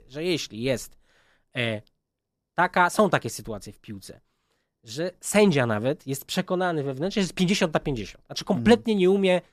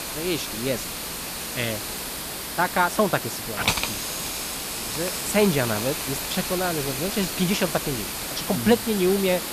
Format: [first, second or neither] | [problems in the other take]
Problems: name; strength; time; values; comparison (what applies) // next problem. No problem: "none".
first | hiss; loud; throughout; 3 dB below the speech